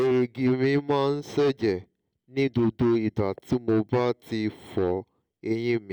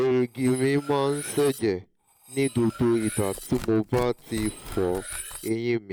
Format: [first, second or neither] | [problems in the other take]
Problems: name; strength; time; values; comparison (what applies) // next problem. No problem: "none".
first | background sound (Tearing + Cutlery, silverware); 14 dB below the speech